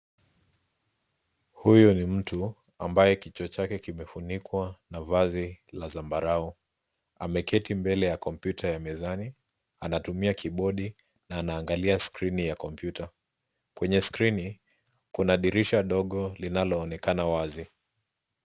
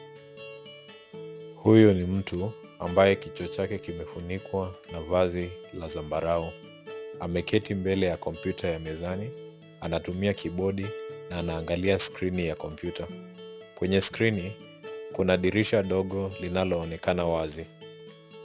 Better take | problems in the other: first | background sound (Acoustic guitar); 15 dB below the speech

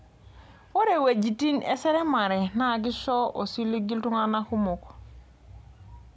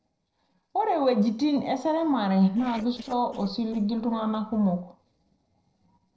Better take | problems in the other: first | noise reduction (neural separator model SepFormer DNS4)

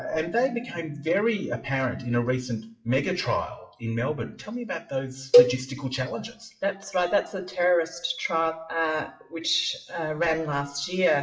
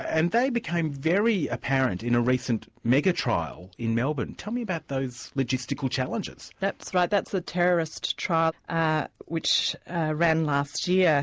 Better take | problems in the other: second | noise reduction (classical method WPE with log-MMSE)

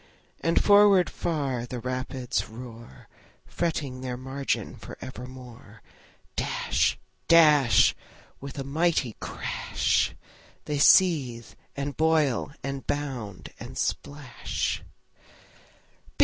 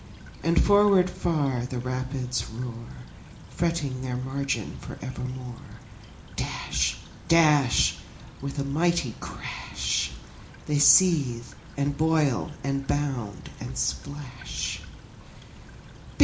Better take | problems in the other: first | background sound (Stream / Trickle, dribble); 17 dB below the speech // room echo; dies away in 0.4 s

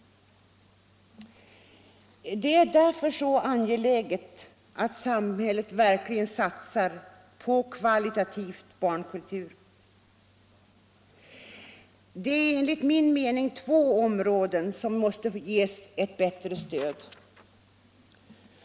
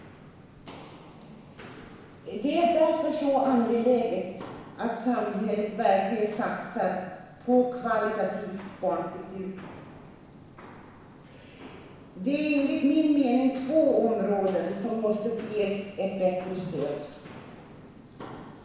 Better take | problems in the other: first | background sound (Walk, footsteps); 19 dB below the speech // room echo; dies away in 1.1 s

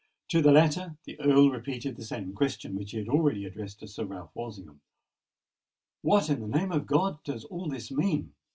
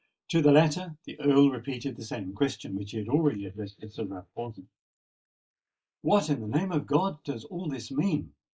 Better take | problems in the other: first | noise reduction (neural mask model Resemble Enhance denoiser)

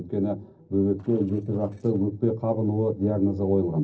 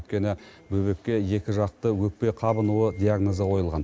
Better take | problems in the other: second | noise reduction (neural separator model SepFormer DNS4)

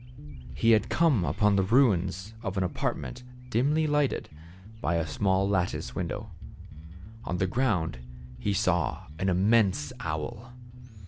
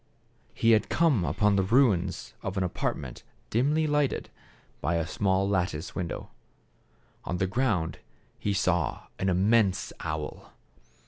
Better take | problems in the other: second | background sound (Bird + Bass guitar); 13 dB below the speech

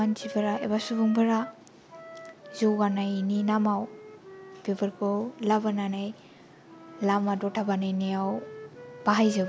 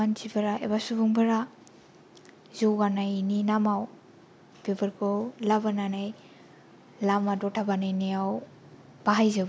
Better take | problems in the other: second | background sound (Wind instrument, woodwind instrument); 18 dB below the speech

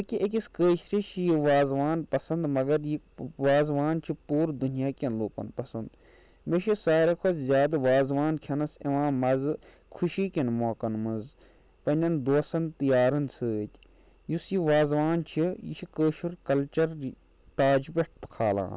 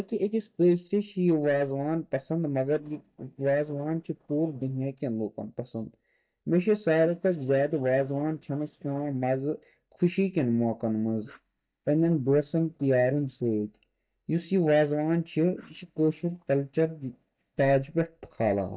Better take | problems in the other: first | noise reduction (neural mask model DeepFilterNet 3)

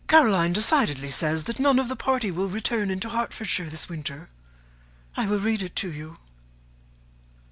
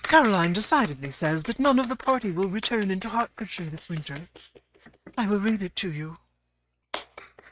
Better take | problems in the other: first | noise reduction (neural mask model RNNoise)

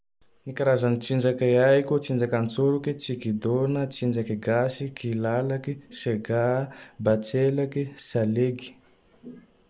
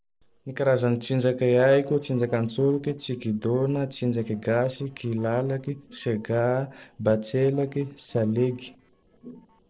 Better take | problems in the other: first | noise reduction (neural separator model SepFormer DNS4)

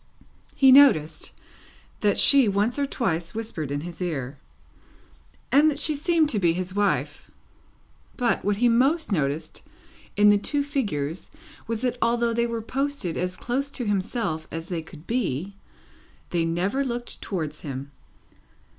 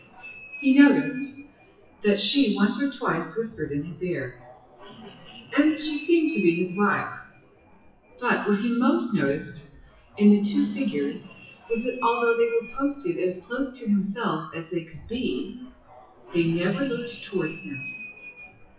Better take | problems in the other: first | noise reduction (classical method WPE with log-MMSE)

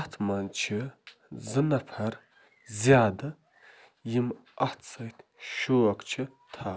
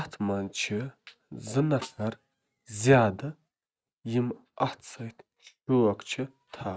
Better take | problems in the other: first | noise reduction (neural mask model RNNoise)

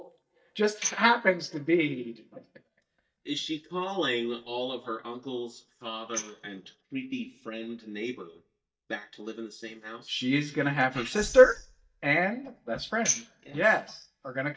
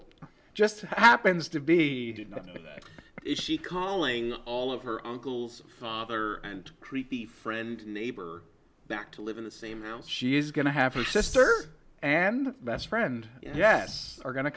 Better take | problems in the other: second | noise reduction (neural mask model DeepFilterNet 3)

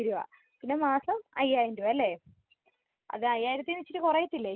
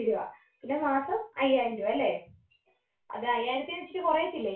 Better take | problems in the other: first | room echo; dies away in 0.2 s

